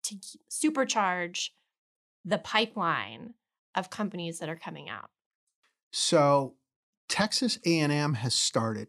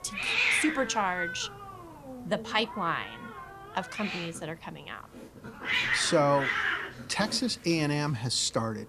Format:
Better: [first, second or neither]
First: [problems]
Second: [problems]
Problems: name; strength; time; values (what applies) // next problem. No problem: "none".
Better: first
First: none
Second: hiss; loud; throughout; 1 dB below the speech